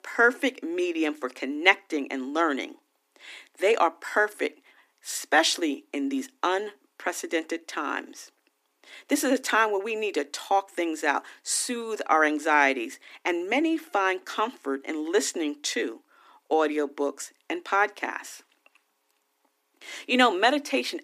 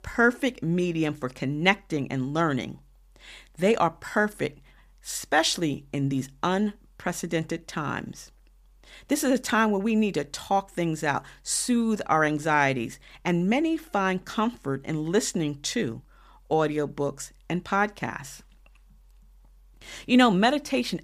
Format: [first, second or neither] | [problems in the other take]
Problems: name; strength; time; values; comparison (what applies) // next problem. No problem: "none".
second | thin; somewhat; fading below 250 Hz